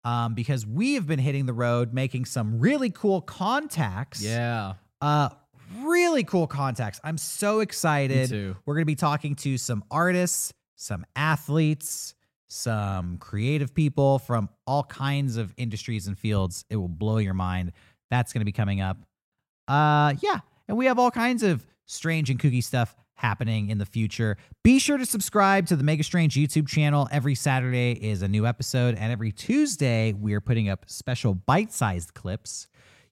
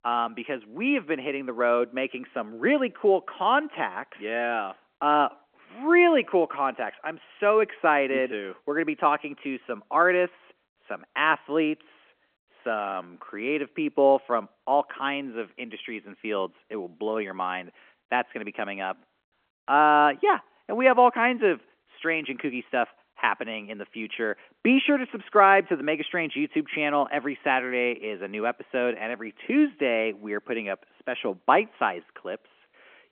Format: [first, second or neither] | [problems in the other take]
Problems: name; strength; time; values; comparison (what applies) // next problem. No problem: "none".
first | phone-call audio